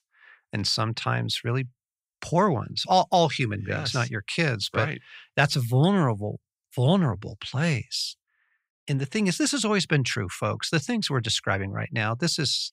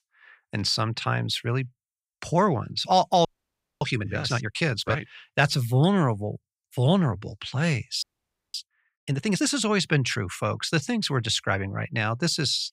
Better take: first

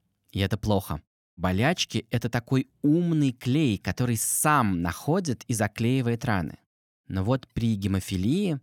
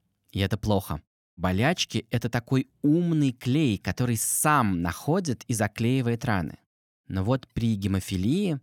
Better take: neither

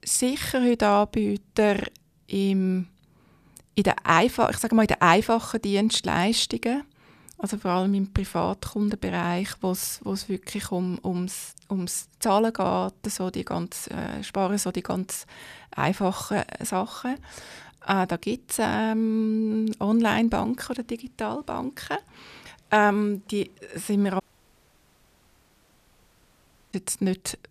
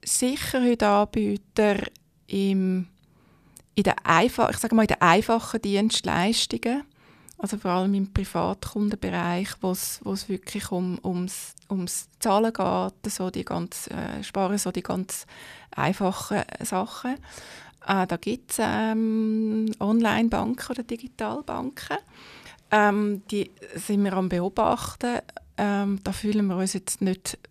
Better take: second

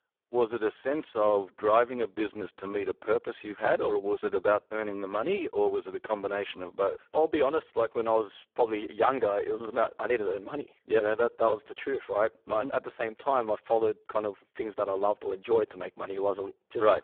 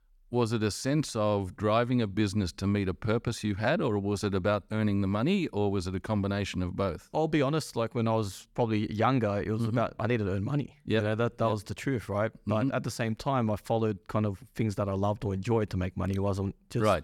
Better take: second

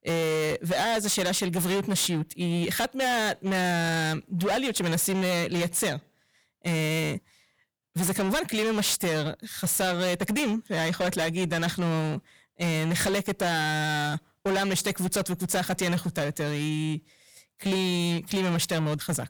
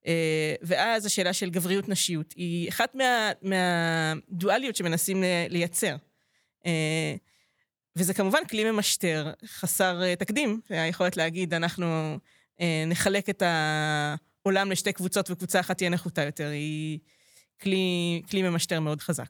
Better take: second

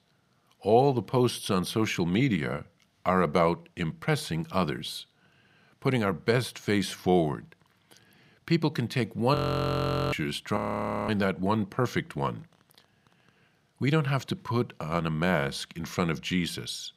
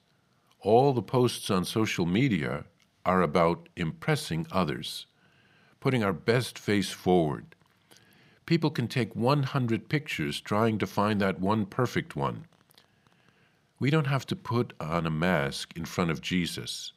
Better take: second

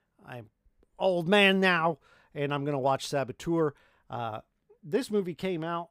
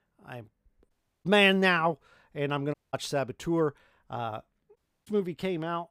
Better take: first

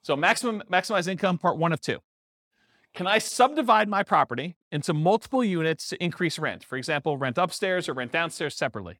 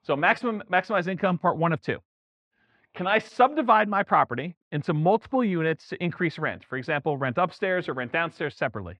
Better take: first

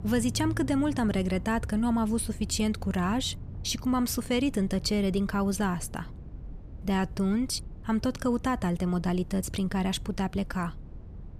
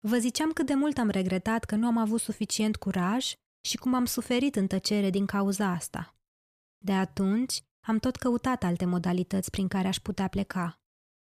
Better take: second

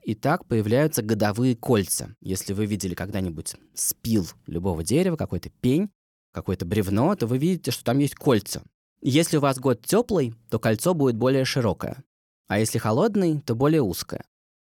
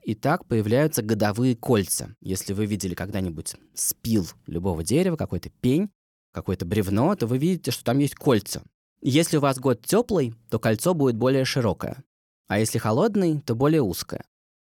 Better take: neither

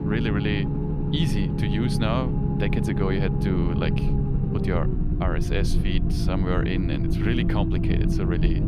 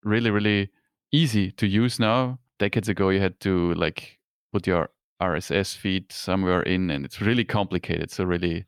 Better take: second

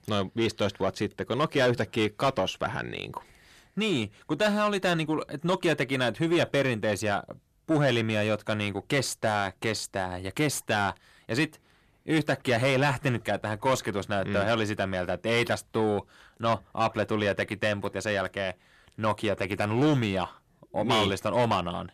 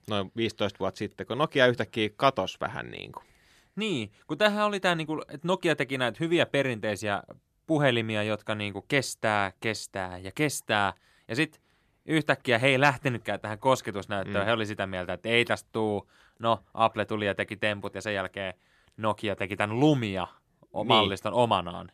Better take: second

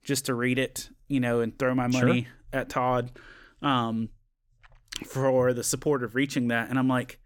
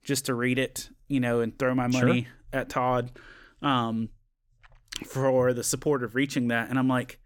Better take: neither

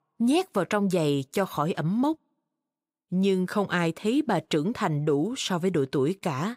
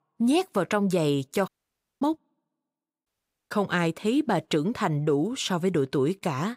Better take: first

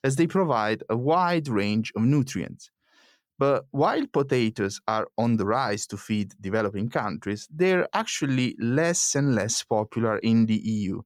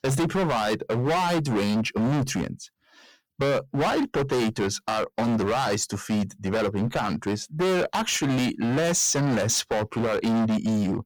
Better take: first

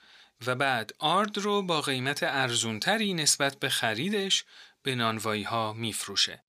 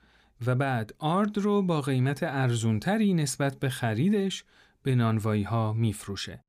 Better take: second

